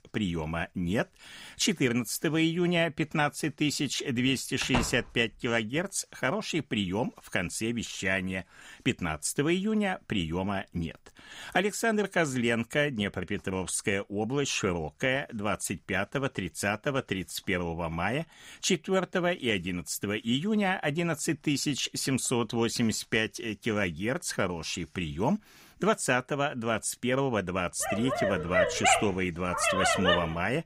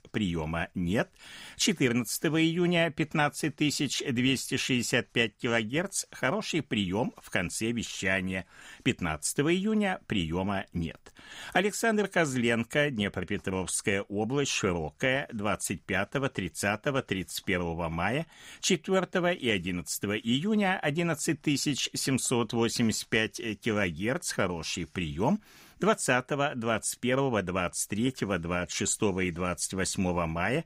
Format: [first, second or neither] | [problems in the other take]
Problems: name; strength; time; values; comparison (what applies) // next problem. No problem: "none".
second | door banging; noticeable; at 4.5 s; peak 3 dB below the speech // dog barking; loud; from 28 s on; peak 6 dB above the speech